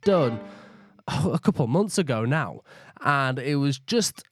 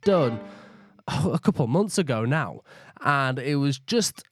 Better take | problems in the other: neither | phone ringing; faint; at the start; peak 10 dB below the speech; the same in both

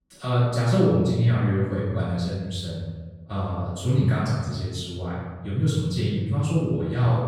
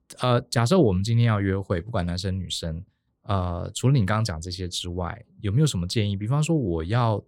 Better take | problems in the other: second | off-mic speech; far // room echo; strong; dies away in 1.2 s

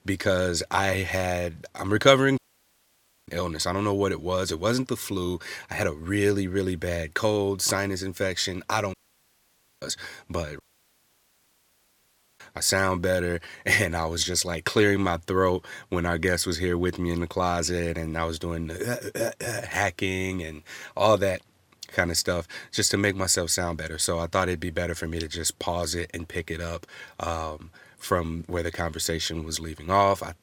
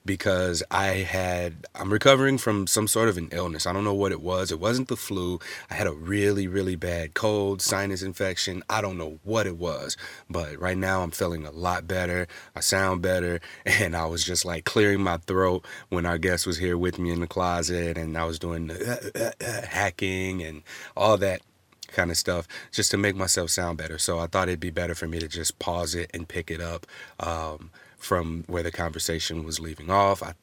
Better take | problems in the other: second | audio cutting out; at 2.5 s for 1 s, at 9 s for 1 s and at 11 s for 2 s

